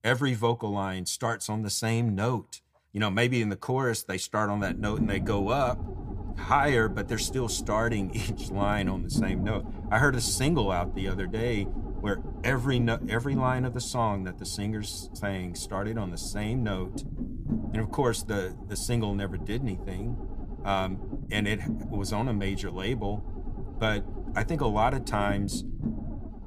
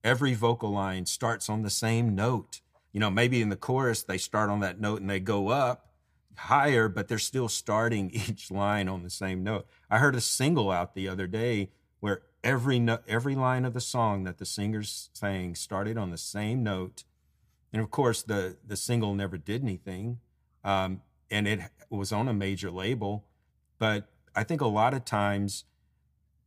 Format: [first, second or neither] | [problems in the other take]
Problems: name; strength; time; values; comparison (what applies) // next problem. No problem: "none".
second | low rumble; noticeable; from 4.5 s on; 15 dB below the speech